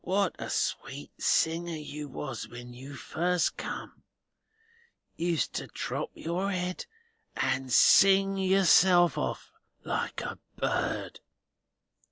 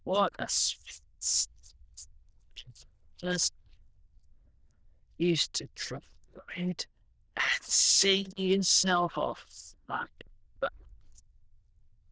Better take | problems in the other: first | noise reduction (neural diffusion model UNIVERSE++)

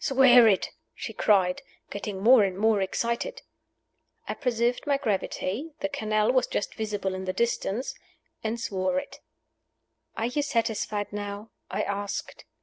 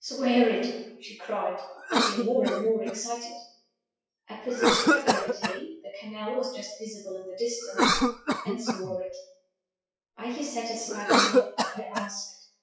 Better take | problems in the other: first | noise reduction (classical method WPE with log-MMSE)

